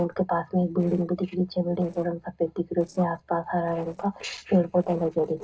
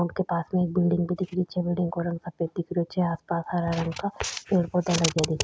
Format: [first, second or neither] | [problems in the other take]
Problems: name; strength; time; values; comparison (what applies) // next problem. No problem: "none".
second | noise reduction (neural separator model SepFormer DNS4)